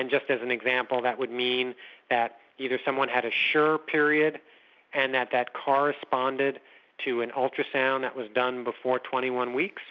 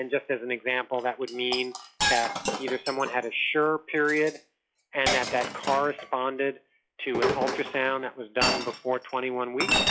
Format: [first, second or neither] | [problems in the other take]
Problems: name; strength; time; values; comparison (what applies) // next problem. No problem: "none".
first | noise reduction (classical method log-MMSE)